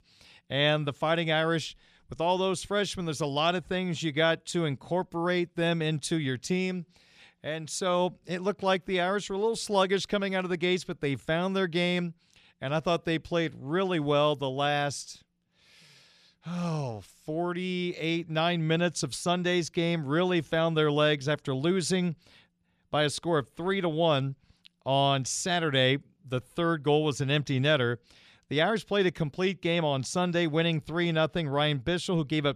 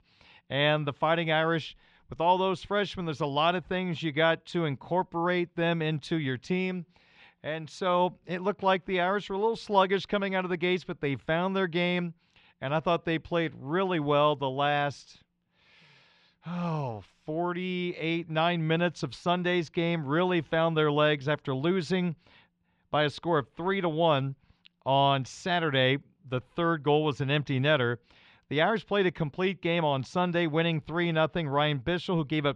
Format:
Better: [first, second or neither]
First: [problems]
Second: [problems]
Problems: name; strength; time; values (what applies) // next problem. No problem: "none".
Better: first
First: none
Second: muffled; slightly; fading above 3 kHz